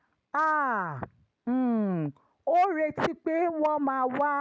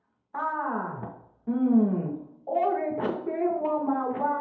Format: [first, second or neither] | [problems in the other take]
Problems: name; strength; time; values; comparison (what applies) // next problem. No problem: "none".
first | room echo; dies away in 2 s